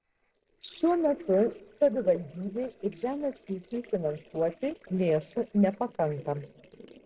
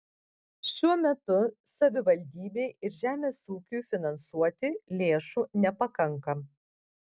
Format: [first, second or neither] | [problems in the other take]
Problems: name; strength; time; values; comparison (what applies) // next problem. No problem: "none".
second | noise reduction (neural separator model SepFormer DNS4)